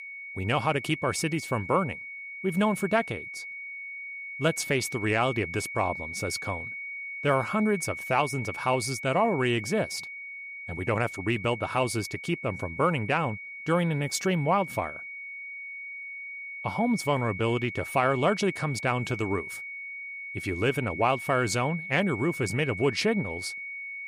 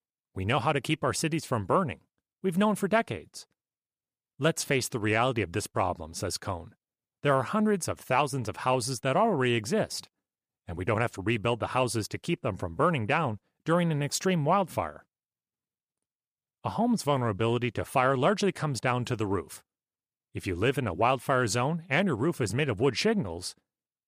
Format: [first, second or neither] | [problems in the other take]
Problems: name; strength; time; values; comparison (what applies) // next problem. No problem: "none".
second | high-pitched whine; loud; throughout; 2 kHz, 9 dB below the speech